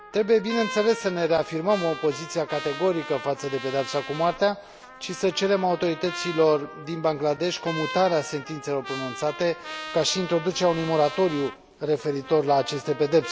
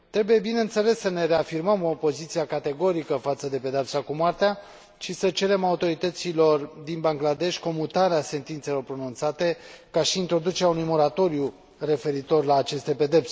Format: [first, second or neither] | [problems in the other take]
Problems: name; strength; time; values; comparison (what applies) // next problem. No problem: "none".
second | background sound (Trumpet); 13 dB below the speech